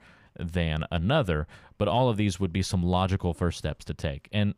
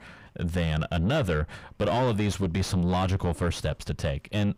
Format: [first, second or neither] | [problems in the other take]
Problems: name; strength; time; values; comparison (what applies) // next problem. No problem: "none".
first | distortion; heavy; 5 dB below the speech